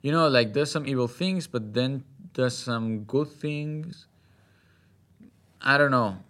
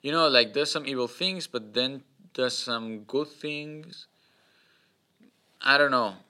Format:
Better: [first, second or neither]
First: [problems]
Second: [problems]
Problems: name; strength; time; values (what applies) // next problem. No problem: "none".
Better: first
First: none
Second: thin; very slightly; fading below 300 Hz